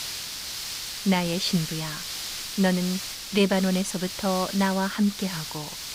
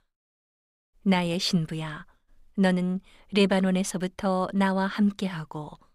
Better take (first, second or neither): second